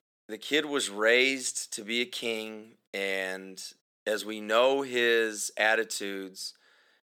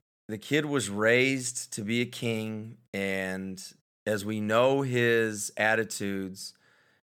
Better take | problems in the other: second | thin; somewhat; fading below 300 Hz

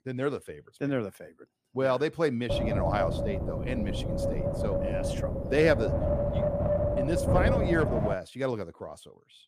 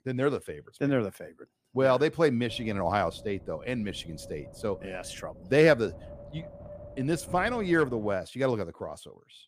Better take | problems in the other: second | wind noise on the microphone; heavy; from 2.5 to 8 s; as loud as the speech; occasional gusts in the second

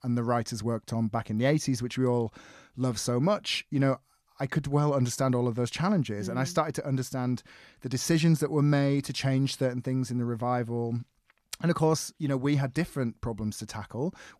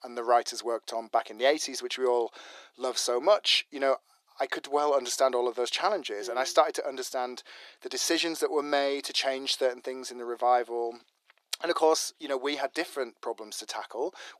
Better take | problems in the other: first | thin; very; fading below 350 Hz

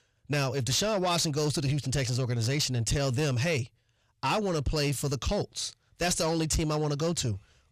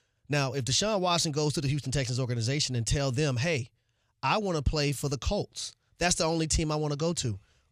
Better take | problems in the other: second | distortion; slight; 10 dB below the speech

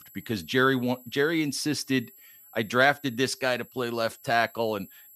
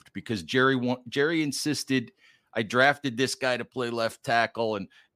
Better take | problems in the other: second | high-pitched whine; faint; throughout; 11.5 kHz, 25 dB below the speech

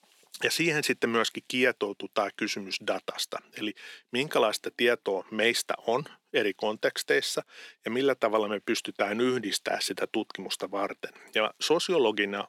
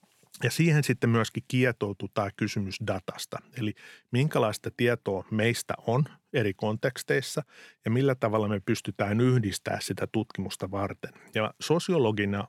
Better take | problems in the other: second | thin; somewhat; fading below 300 Hz

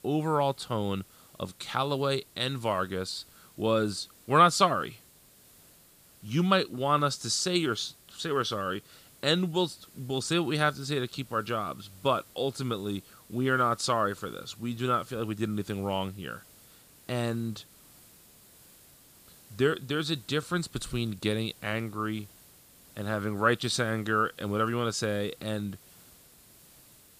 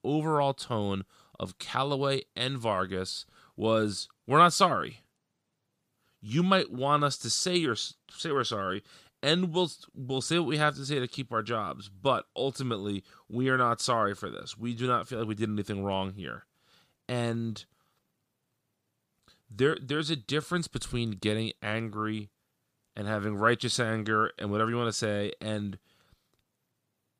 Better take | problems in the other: second | hiss; faint; throughout; 25 dB below the speech

